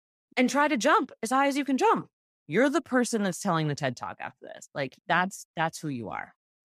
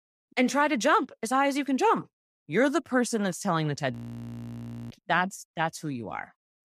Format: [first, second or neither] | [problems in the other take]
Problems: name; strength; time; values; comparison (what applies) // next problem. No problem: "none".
first | audio freezing; at 4 s for 1 s